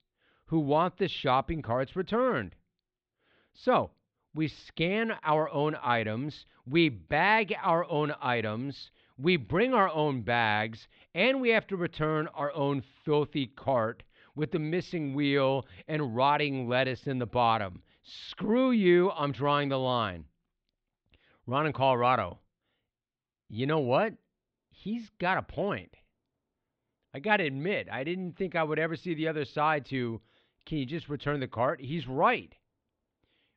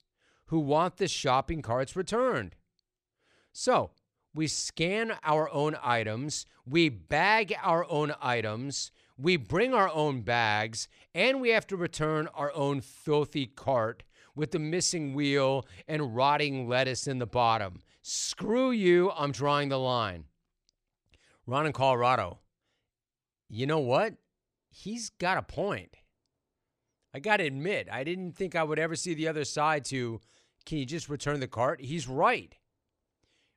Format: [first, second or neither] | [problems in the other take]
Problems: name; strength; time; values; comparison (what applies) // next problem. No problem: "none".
second | muffled; slightly; fading above 3.5 kHz